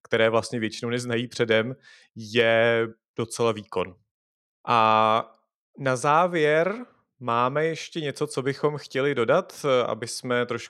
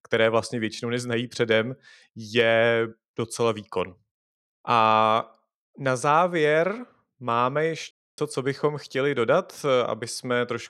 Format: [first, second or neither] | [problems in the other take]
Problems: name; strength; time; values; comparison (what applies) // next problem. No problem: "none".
first | audio cutting out; at 8 s